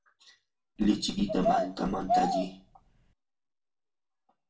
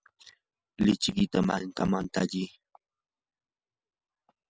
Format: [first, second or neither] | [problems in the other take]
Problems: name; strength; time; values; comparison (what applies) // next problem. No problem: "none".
second | background sound (Bird vocalization, bird call, bird song); 2 dB above the speech // room echo; dies away in 0.3 s